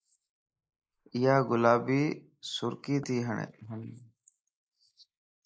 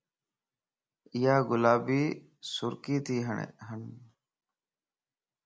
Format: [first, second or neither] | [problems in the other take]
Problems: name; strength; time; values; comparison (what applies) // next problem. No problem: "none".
second | noise reduction (neural mask model Resemble Enhance denoiser)